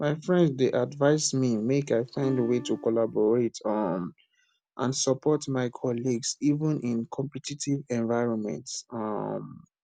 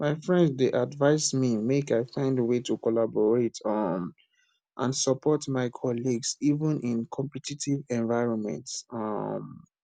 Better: second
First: background sound (Acoustic guitar); 13 dB below the speech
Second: none

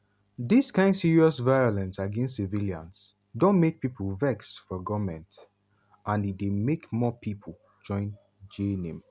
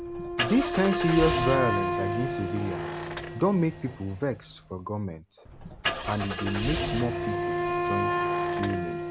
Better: first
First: none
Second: background sound (Wind instrument, woodwind instrument + Engine starting / Car); 1 dB below the speech

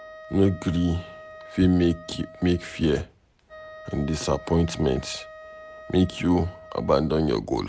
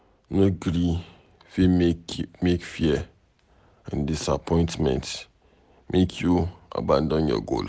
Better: second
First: background sound (Wind instrument, woodwind instrument); 19 dB below the speech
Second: none

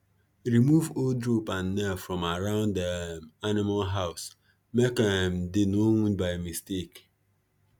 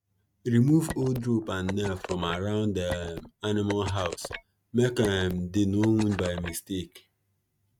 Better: first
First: none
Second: noise reduction (neural mask model RNNoise)

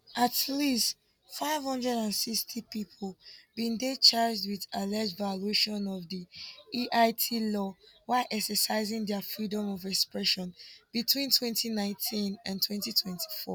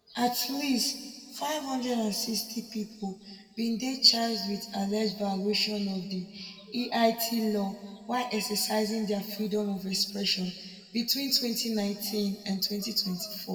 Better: first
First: none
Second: room echo; dies away in 1.7 s

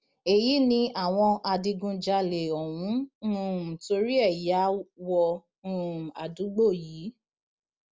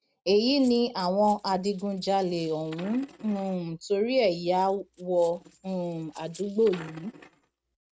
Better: first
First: none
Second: noise reduction (neural mask model RNNoise)

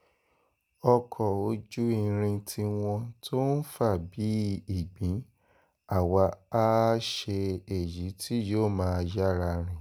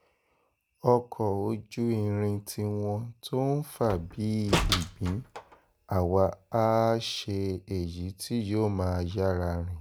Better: first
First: none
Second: background sound (Slam); 6 dB below the speech

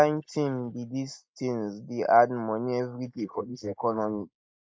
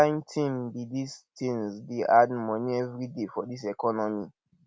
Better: second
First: noise reduction (neural mask model Resemble Enhance denoiser)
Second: none

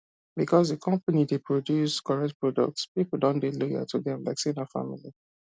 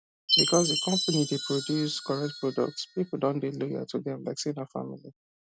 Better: first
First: none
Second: background sound (Chime); 4 dB below the speech

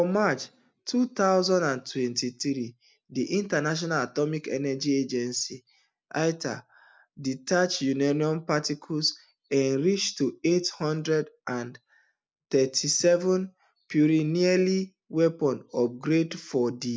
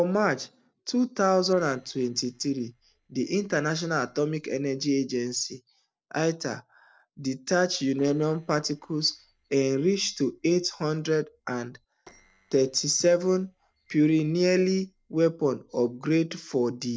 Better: first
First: none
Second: noise reduction (neural separator model SepFormer DNS4)

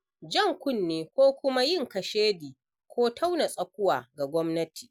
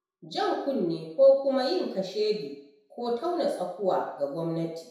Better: first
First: none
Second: room echo; dies away in 0.7 s

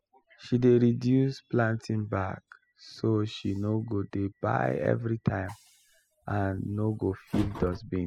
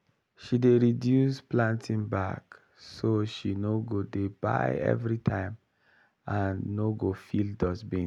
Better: second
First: noise reduction (classical method spectral subtraction)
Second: none

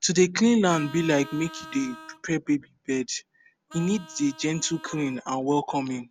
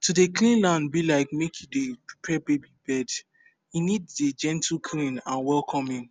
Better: second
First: background sound (Vehicle horn, car horn, honking); 20 dB below the speech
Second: none

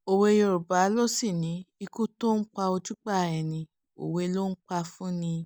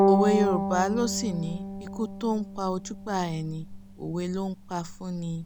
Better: first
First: none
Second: background sound (Bowed string instrument); 1 dB below the speech

